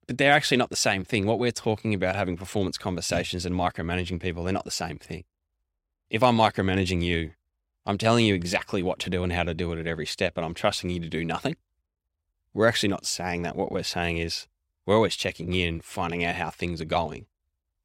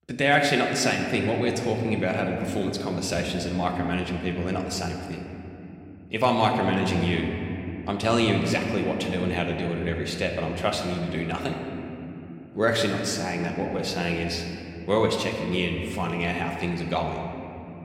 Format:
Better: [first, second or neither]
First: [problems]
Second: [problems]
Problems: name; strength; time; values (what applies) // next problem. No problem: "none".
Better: first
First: none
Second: room echo; slight; dies away in 3 s